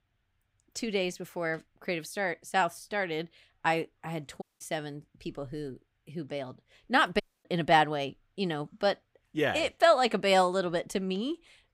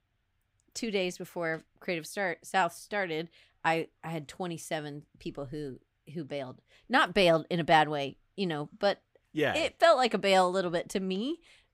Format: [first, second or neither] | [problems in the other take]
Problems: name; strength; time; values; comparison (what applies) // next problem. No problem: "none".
second | audio cutting out; at 4.5 s and at 7 s